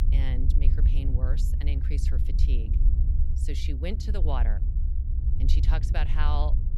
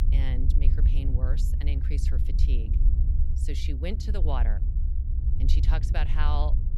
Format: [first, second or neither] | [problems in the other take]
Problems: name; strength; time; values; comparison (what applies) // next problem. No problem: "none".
neither | low rumble; loud; throughout; 6 dB below the speech; the same in both